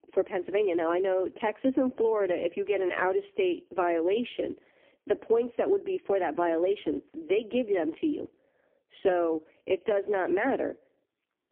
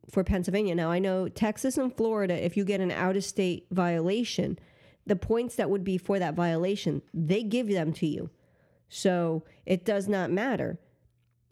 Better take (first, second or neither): second